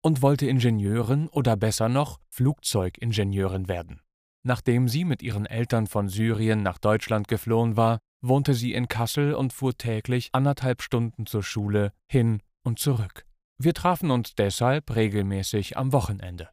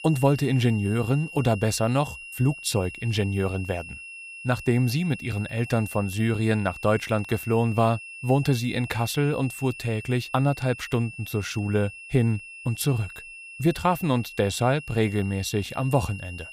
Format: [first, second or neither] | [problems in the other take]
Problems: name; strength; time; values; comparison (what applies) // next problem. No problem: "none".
first | high-pitched whine; noticeable; throughout; 2.5 kHz, 15 dB below the speech